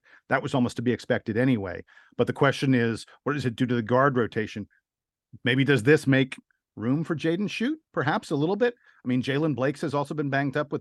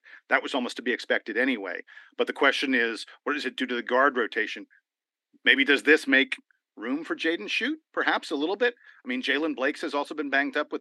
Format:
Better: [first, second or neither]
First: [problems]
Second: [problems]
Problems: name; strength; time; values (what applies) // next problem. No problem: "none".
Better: first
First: none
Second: thin; somewhat; fading below 300 Hz